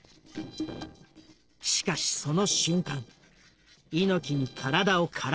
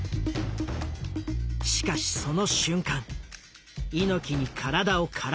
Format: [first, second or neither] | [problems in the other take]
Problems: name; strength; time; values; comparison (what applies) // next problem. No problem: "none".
second | noise reduction (neural separator model SepFormer DNS4)